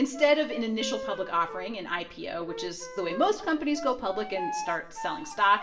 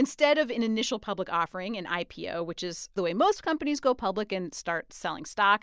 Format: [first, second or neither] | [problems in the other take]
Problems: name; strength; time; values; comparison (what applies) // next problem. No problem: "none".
second | background sound (Wind instrument, woodwind instrument); 11 dB below the speech // room echo; dies away in 0.7 s